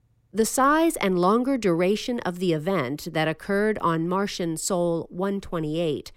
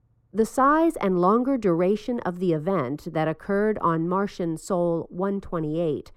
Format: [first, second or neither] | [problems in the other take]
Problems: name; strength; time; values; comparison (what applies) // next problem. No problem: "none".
first | muffled; slightly; fading above 1.5 kHz